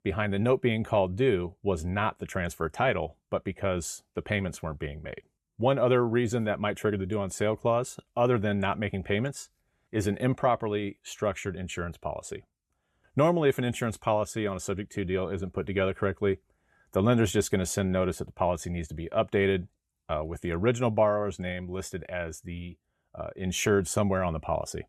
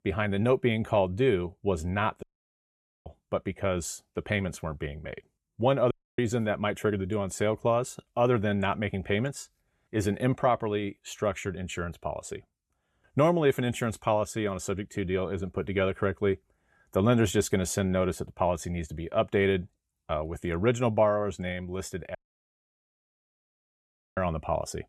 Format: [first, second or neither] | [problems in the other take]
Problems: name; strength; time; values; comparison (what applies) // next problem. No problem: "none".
first | audio cutting out; at 2 s for 1 s, at 6 s and at 22 s for 2 s